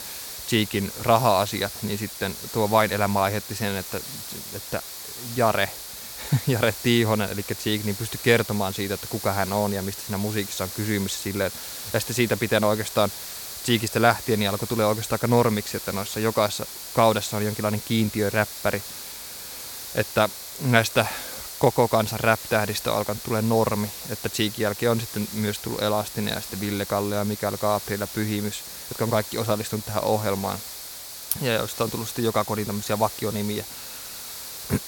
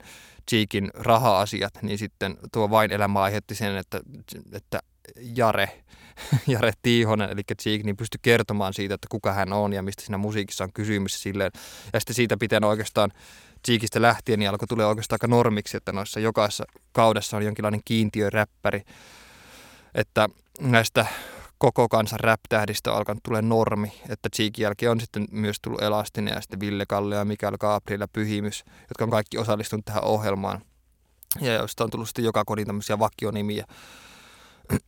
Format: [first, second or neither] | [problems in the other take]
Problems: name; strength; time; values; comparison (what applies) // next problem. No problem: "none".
second | hiss; loud; throughout; 9 dB below the speech